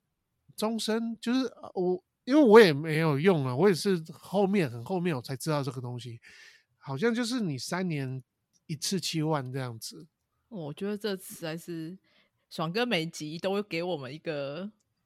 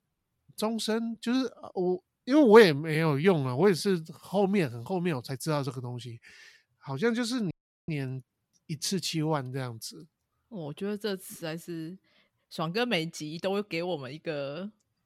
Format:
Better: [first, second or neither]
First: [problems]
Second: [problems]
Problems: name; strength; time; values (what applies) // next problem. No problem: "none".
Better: first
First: none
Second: audio cutting out; at 7.5 s